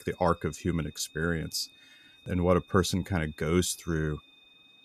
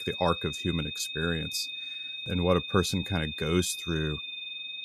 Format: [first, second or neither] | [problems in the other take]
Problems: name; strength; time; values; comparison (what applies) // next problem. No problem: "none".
first | high-pitched whine; loud; throughout; 3.5 kHz, 5 dB below the speech; faint in the first